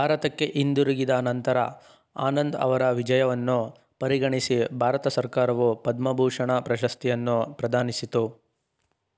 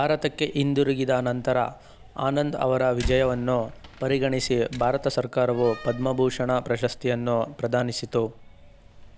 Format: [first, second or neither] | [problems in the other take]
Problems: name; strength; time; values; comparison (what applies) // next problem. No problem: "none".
first | background sound (Slam); 16 dB below the speech